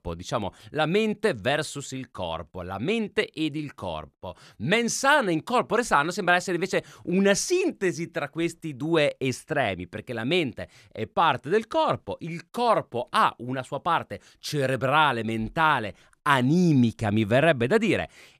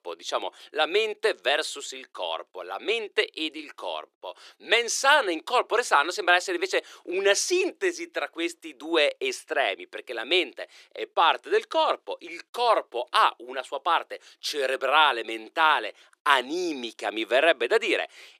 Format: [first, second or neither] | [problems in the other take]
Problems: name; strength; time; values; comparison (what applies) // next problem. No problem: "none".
first | thin; very; fading below 350 Hz